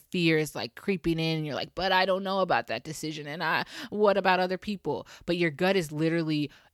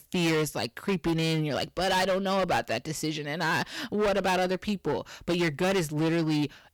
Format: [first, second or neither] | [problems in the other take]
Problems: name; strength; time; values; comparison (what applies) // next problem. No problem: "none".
first | distortion; heavy; 19% of the sound clipped